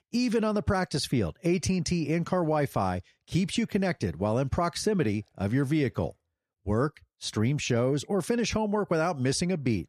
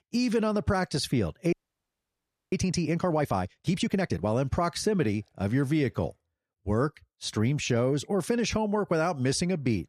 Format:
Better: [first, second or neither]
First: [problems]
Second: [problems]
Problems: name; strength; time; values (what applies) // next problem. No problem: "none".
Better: first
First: none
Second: audio freezing; at 1.5 s for 1 s